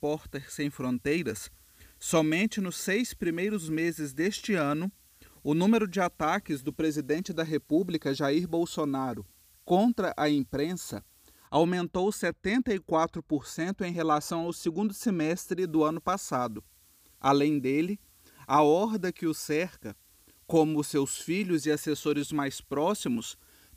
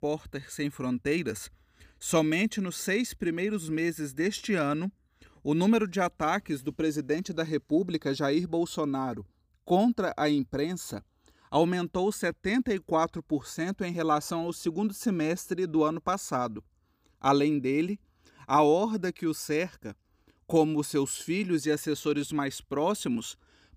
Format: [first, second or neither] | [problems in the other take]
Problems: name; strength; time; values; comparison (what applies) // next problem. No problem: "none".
second | hiss; faint; until 11 s and from 16 s on; 30 dB below the speech